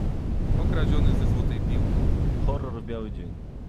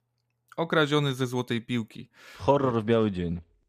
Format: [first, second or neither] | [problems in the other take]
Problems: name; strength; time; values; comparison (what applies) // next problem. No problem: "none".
second | wind noise on the microphone; heavy; 2 dB above the speech